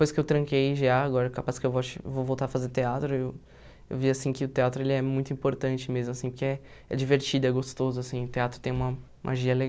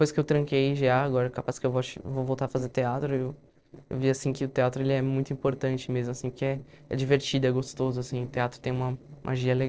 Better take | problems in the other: first | noise reduction (neural separator model SepFormer DNS4)

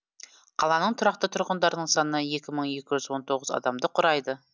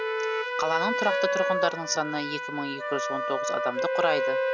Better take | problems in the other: first | background sound (Trumpet + Wind instrument, woodwind instrument); 2 dB above the speech

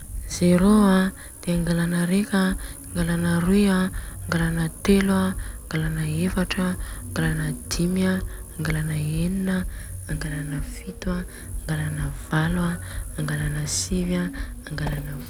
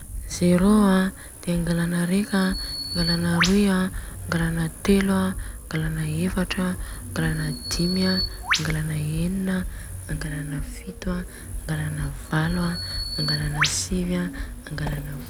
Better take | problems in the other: first | background sound (Bird vocalization, bird call, bird song); 10 dB below the speech

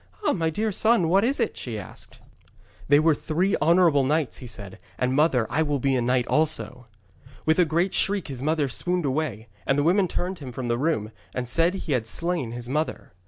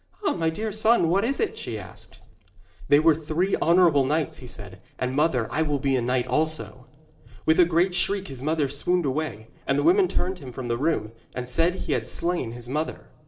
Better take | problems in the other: first | noise reduction (neural separator model SepFormer DNS4)

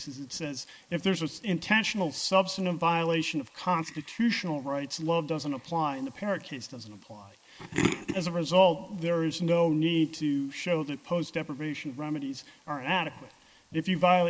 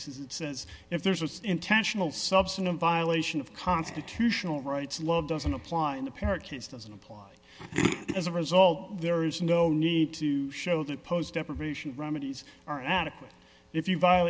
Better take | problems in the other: second | noise reduction (neural mask model Resemble Enhance denoiser)

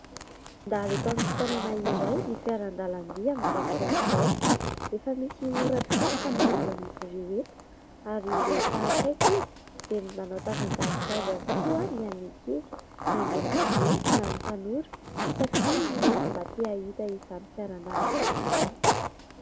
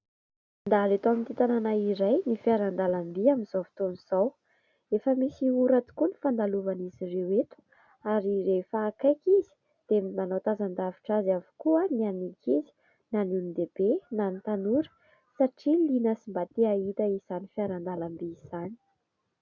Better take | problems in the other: second | background sound (Zipper (clothing)); 4 dB above the speech

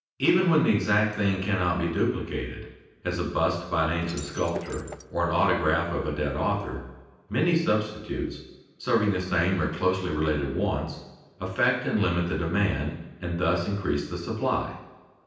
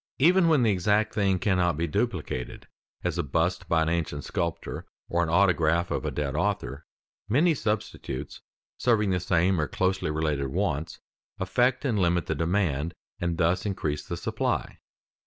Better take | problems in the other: second | background sound (Shatter); 15 dB below the speech // room echo; dies away in 0.9 s

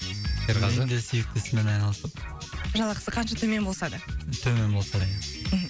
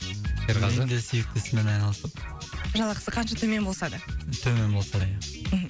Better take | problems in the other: second | background sound (Telephone); 19 dB below the speech

